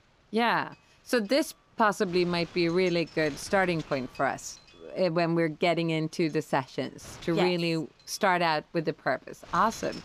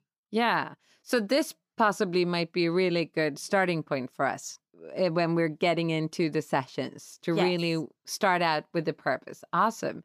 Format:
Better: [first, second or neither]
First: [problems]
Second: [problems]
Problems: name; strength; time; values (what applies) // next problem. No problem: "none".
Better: second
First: wind noise on the microphone; occasional gusts; 20 dB below the speech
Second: none